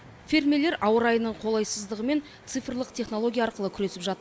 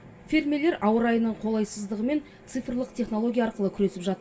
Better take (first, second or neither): first